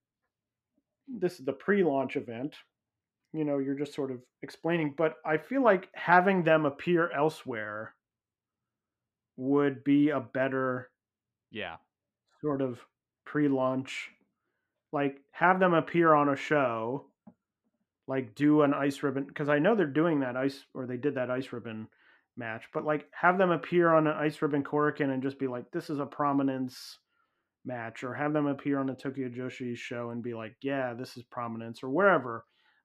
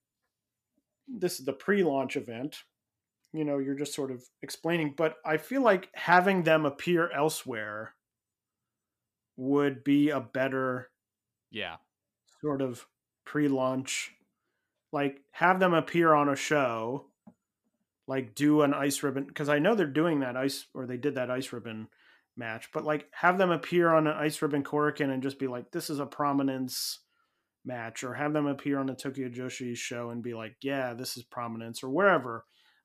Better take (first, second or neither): second